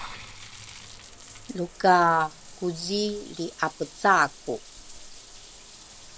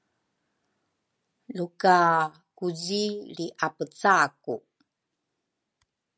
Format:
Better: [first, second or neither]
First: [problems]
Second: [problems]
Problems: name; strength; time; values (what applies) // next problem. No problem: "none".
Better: second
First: background sound (Bathtub (filling or washing) / Water); 17 dB below the speech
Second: none